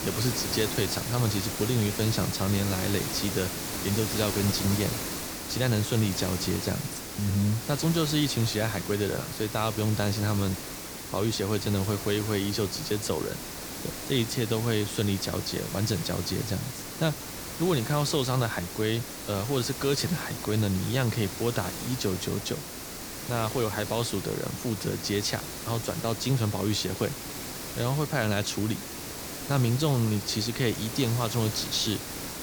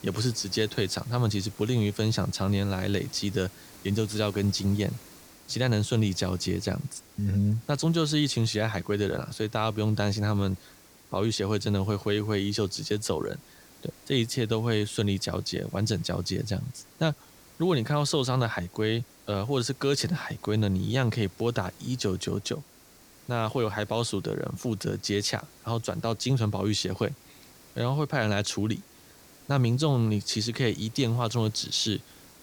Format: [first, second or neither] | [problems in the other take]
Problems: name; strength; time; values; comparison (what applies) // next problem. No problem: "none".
second | hiss; loud; throughout; 6 dB below the speech; faint in the second